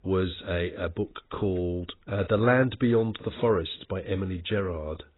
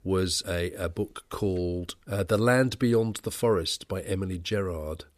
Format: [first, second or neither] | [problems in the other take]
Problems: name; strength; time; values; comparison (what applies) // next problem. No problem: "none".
second | garbled, watery; badly; nothing above 4 kHz